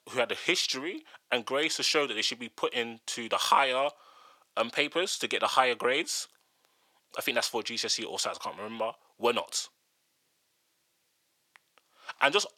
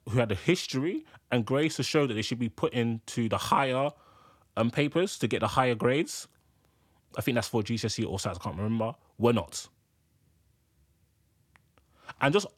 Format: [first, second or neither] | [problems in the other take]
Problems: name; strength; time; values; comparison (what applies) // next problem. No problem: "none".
second | thin; very; fading below 550 Hz